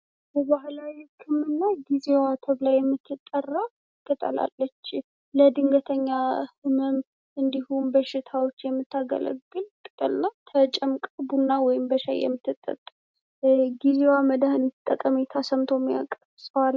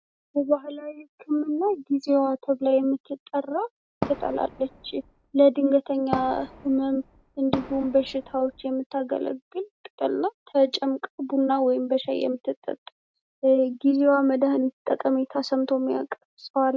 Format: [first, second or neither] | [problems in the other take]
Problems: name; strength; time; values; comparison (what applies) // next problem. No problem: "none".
first | background sound (Fireworks); 11 dB below the speech